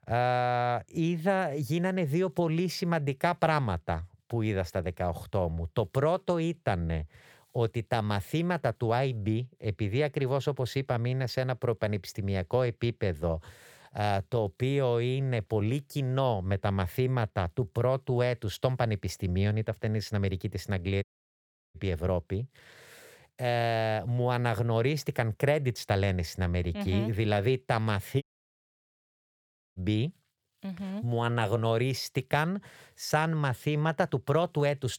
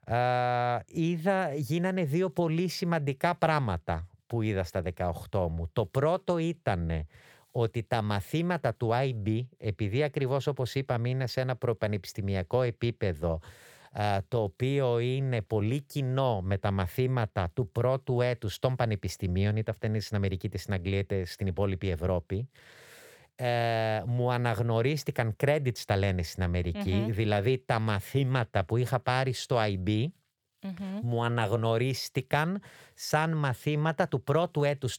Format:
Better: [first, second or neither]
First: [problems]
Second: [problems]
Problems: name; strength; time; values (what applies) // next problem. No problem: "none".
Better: second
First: audio cutting out; at 21 s for 0.5 s and at 28 s for 1.5 s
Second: none